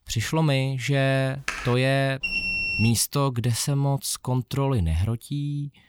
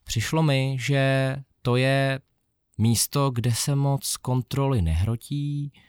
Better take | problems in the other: second | keyboard typing; noticeable; at 1.5 s; peak 7 dB below the speech // alarm; loud; at 2 s; peak 1 dB above the speech

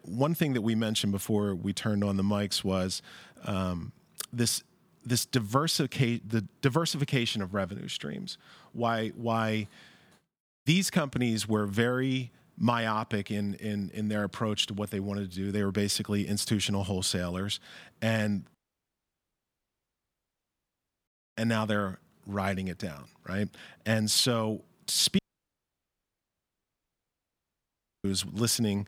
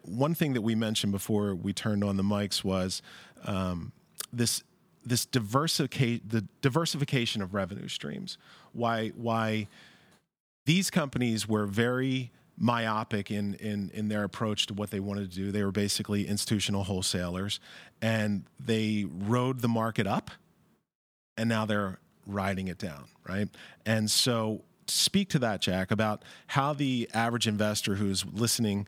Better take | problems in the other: second | audio cutting out; at 19 s for 2.5 s and at 25 s for 3 s

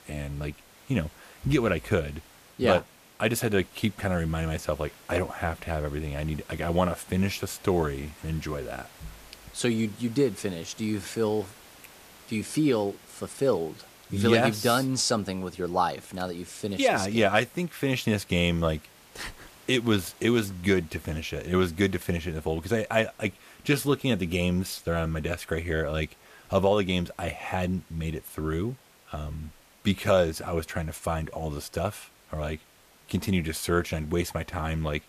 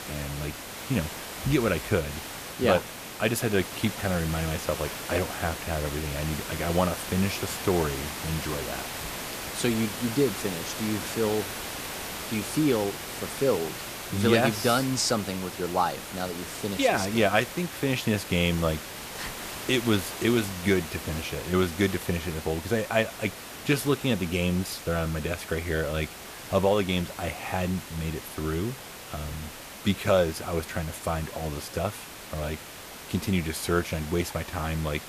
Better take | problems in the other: first | hiss; loud; throughout; 8 dB below the speech; faint in the first

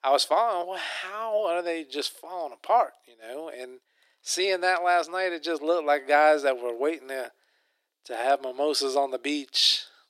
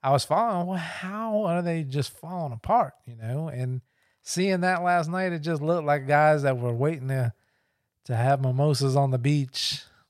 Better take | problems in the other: second | thin; very; fading below 300 Hz

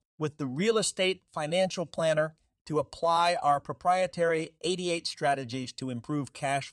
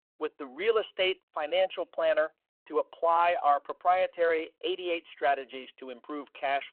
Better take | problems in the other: first | phone-call audio

